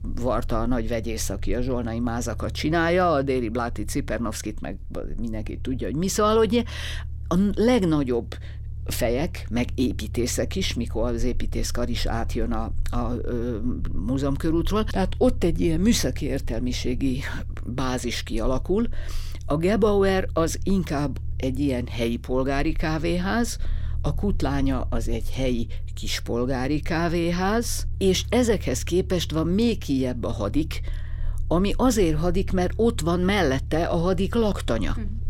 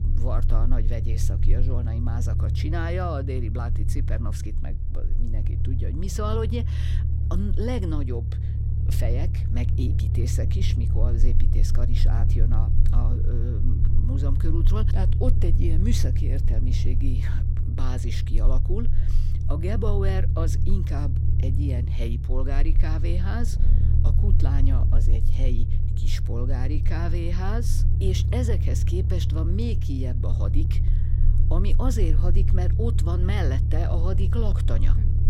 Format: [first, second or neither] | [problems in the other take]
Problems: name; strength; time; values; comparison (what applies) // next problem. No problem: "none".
first | low rumble; loud; throughout; 4 dB below the speech; faint in the first